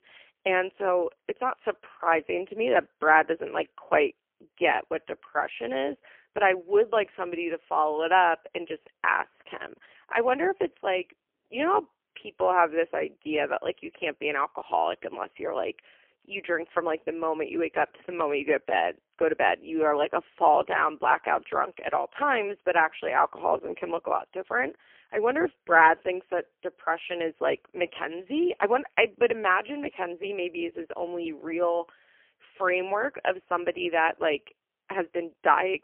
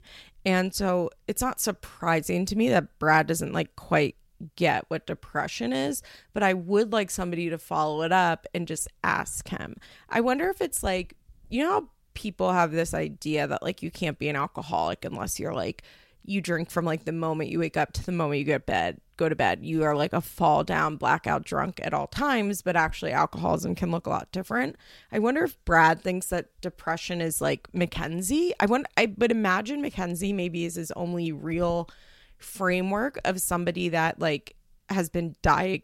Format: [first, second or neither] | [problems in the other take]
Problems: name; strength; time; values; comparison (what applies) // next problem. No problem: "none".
second | phone-call audio; poor line; nothing above 3 kHz